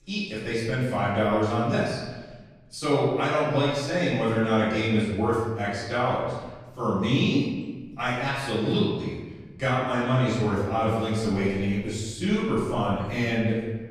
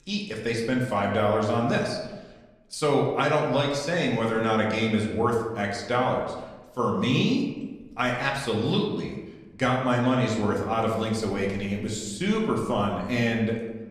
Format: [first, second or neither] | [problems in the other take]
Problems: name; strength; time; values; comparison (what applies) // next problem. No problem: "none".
second | room echo; strong; dies away in 1.2 s; slight in the second // off-mic speech; far; somewhat distant in the second